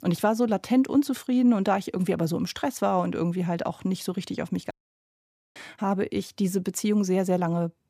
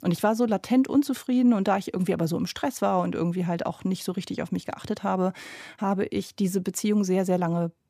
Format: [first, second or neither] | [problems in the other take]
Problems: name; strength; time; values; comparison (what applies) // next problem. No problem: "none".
second | audio cutting out; at 4.5 s for 1 s